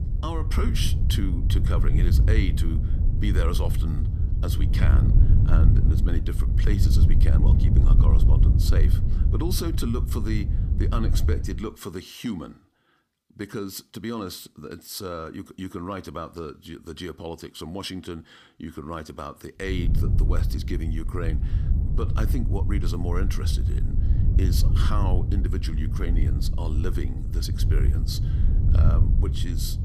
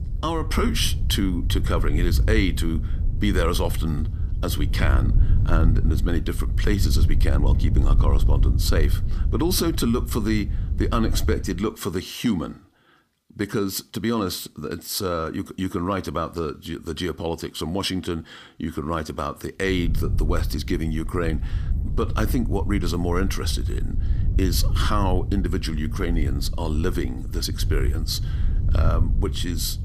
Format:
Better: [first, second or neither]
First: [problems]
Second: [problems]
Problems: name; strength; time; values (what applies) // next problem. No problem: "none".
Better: second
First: wind noise on the microphone; heavy; until 12 s and from 20 s on; 4 dB below the speech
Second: wind noise on the microphone; occasional gusts; until 12 s and from 20 s on; 15 dB below the speech